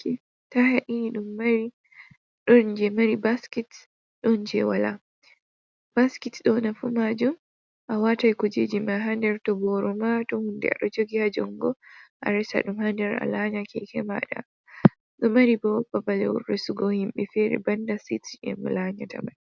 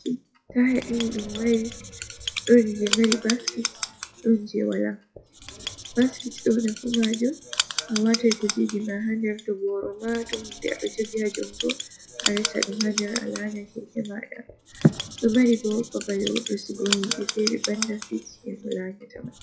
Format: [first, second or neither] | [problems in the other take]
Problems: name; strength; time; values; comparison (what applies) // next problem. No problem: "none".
first | noise reduction (classical method WPE with log-MMSE)